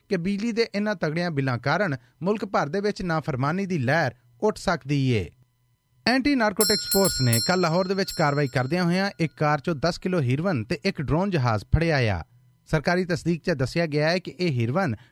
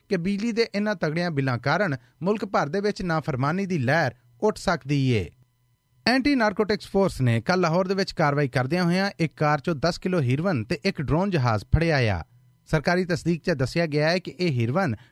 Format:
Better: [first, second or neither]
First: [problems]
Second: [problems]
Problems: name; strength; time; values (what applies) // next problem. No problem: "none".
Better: second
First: doorbell; loud; from 6.5 to 8 s; peak 3 dB above the speech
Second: none